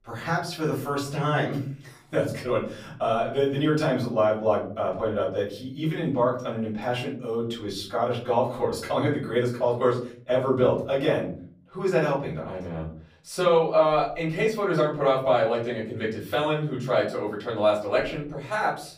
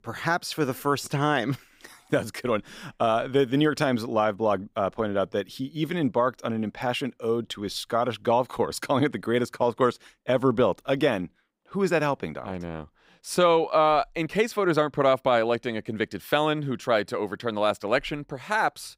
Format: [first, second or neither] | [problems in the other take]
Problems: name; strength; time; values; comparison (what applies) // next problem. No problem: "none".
second | off-mic speech; far // room echo; slight; dies away in 0.6 s